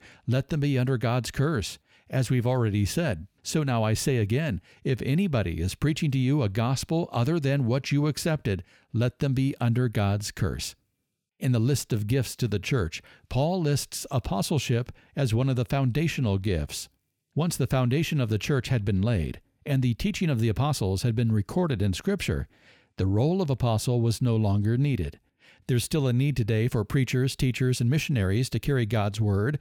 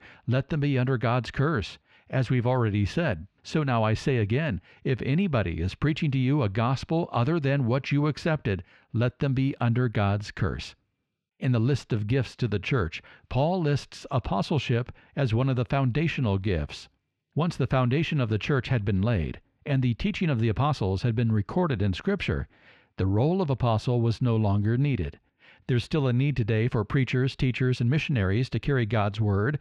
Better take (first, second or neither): first